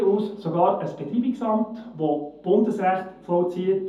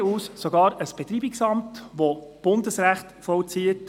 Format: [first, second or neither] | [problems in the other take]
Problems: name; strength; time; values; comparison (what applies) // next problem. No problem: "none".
second | room echo; dies away in 0.5 s